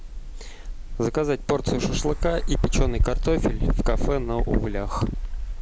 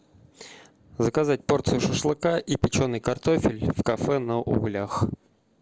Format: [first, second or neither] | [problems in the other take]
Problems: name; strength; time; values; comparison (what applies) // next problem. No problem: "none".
second | background sound (Bird); 1 dB above the speech